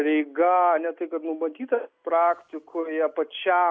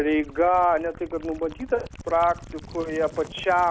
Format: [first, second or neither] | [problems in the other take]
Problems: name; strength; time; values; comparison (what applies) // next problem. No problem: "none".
first | background sound (Gurgling / Liquid); 17 dB below the speech